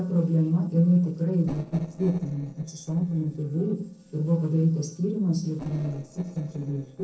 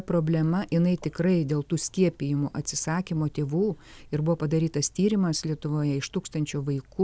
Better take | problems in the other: second | noise reduction (neural separator model SepFormer DNS4)

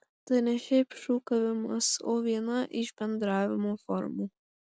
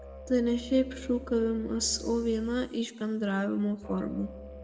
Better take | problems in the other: first | background sound (Musical instrument); 15 dB below the speech // room echo; dies away in 0.9 s

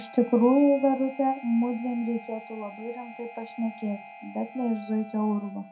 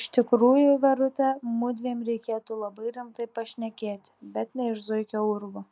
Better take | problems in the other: second | background sound (Harmonica); 18 dB below the speech // room echo; dies away in 0.2 s

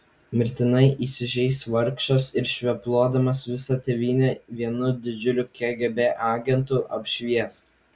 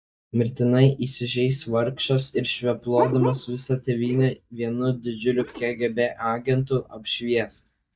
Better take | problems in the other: first | noise reduction (neural mask model DeepFilterNet 3)

